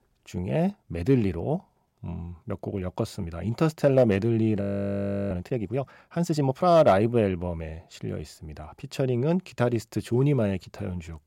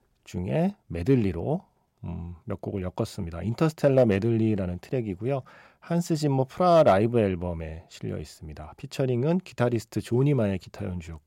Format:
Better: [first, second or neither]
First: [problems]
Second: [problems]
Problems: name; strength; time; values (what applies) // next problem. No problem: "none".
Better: second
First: audio freezing; at 4.5 s for 0.5 s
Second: none